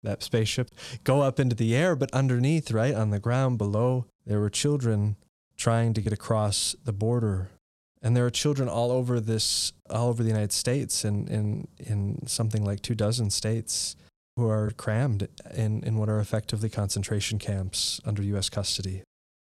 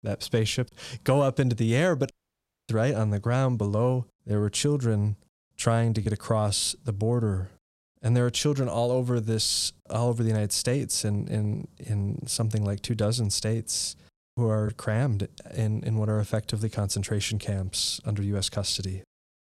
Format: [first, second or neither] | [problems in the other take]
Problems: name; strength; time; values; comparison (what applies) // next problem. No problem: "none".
first | audio cutting out; at 2 s for 0.5 s